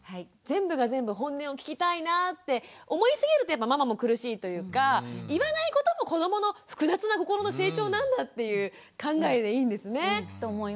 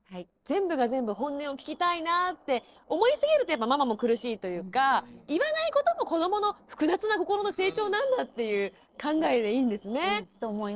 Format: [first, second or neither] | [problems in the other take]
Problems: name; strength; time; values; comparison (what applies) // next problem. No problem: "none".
first | noise reduction (neural separator model SepFormer DNS4)